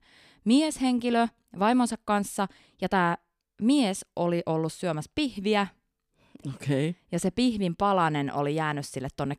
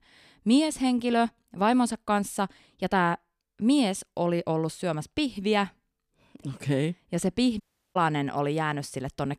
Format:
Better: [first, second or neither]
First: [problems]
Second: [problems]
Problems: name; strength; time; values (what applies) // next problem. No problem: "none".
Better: first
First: none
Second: audio cutting out; at 7.5 s